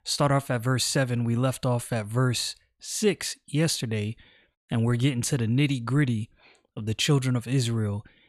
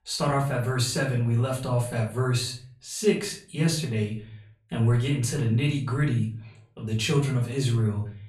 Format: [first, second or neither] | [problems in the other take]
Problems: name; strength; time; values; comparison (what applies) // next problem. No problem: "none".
first | off-mic speech; far // room echo; slight; dies away in 0.4 s